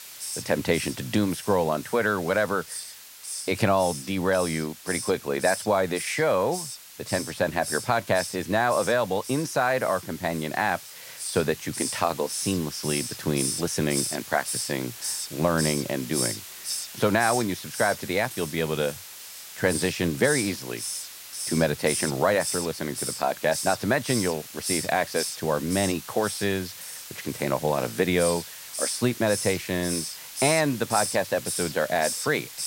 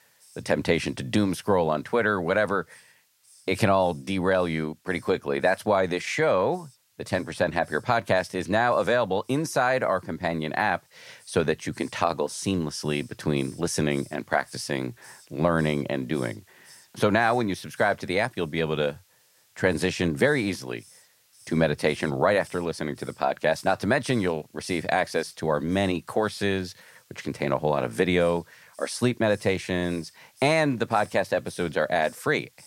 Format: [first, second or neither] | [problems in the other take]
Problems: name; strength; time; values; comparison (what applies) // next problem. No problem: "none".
second | hiss; loud; throughout; 6 dB below the speech; faint in the second